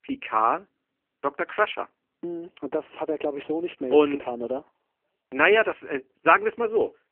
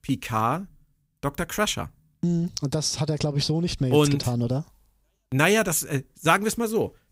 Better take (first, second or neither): second